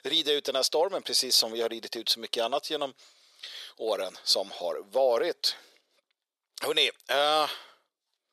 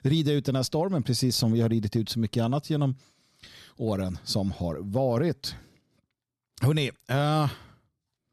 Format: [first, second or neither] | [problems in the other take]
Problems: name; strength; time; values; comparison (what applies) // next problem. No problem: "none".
second | thin; very; fading below 450 Hz